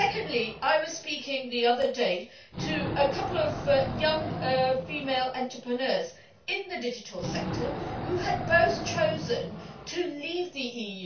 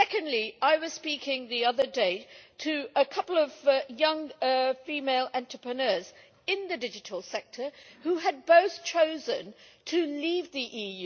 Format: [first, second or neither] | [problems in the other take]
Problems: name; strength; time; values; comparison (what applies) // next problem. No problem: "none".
second | background sound (Wild animals); 8 dB below the speech // room echo; dies away in 0.3 s